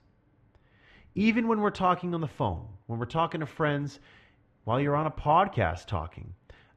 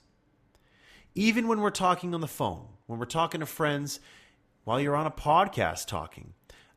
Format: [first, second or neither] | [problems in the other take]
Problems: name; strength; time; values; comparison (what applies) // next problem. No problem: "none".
second | muffled; slightly; fading above 2.5 kHz